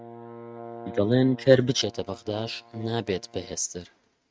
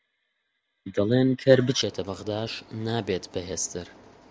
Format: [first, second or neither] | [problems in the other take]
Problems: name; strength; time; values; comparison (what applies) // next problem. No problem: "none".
second | noise reduction (neural mask model RNNoise)